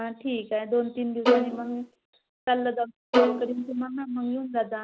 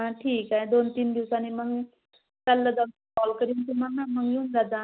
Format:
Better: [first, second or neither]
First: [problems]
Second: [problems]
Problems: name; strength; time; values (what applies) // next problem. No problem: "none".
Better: second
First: background sound (Bowed string instrument); 5 dB above the speech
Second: none